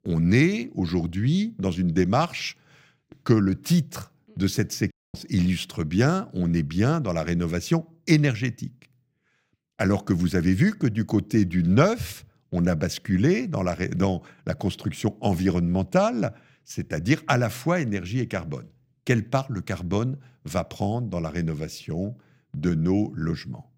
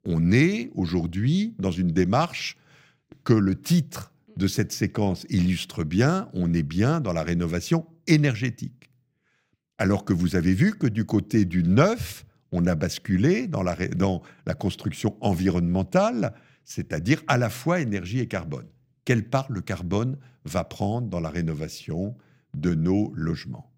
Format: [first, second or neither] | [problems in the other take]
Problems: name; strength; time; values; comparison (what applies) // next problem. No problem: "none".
second | audio cutting out; at 5 s